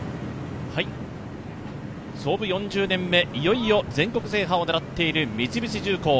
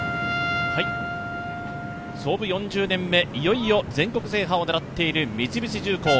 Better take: first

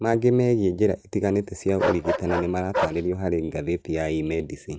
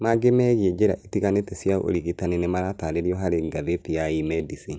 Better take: second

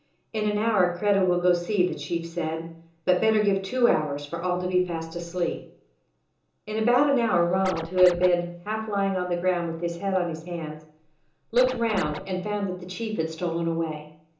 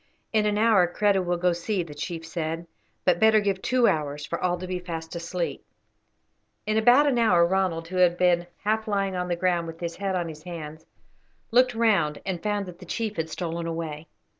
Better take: second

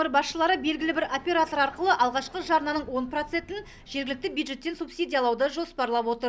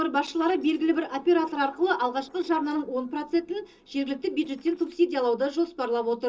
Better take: first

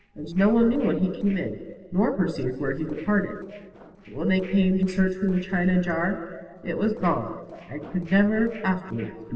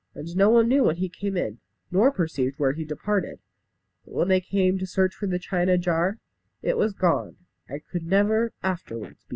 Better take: second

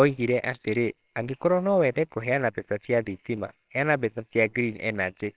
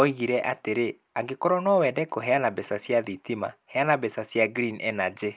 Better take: second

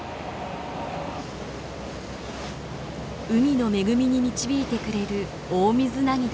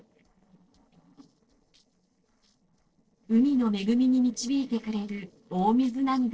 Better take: first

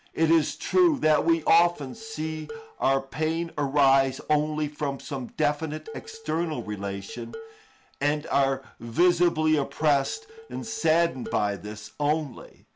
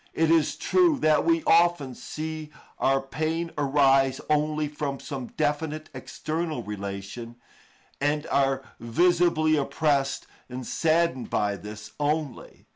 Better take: second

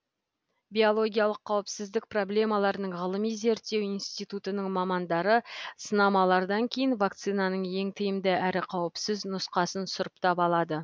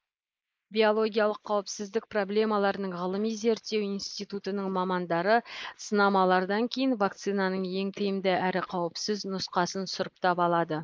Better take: first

